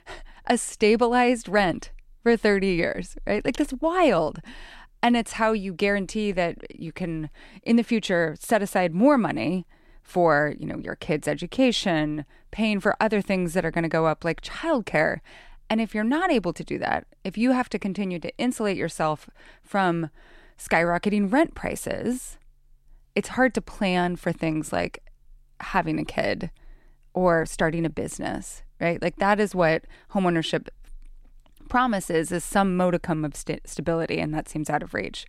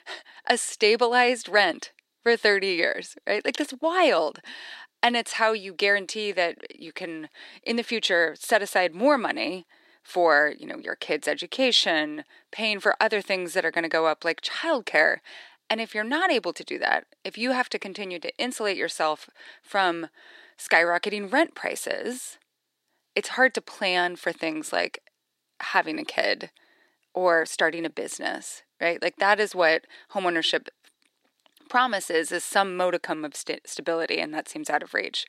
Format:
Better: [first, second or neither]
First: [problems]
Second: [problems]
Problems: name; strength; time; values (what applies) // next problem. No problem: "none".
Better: first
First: none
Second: thin; somewhat; fading below 350 Hz